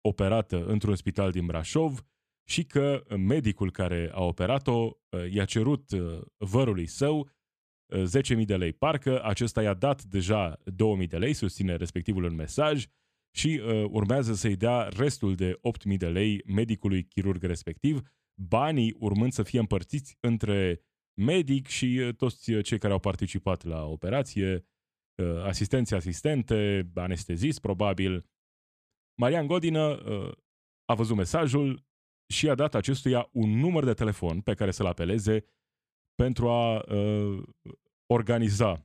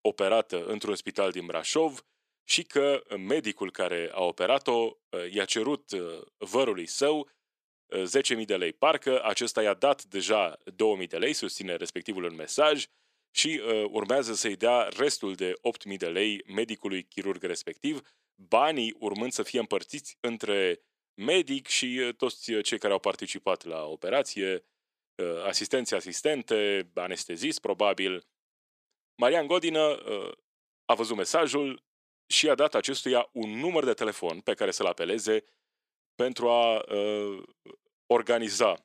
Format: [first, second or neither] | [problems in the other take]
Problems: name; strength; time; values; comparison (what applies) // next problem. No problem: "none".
first | thin; somewhat; fading below 350 Hz